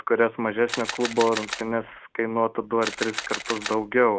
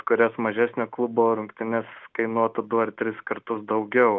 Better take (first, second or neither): second